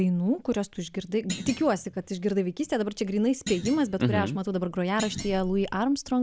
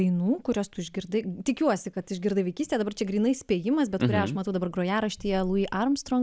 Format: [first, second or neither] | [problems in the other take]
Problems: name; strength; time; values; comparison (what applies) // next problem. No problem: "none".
second | background sound (Thump, thud); 13 dB below the speech